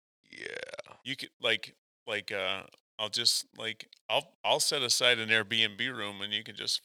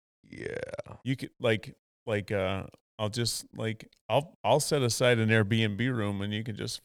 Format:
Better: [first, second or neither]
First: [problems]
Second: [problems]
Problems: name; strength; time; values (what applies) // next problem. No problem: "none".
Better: second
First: thin; somewhat; fading below 950 Hz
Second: none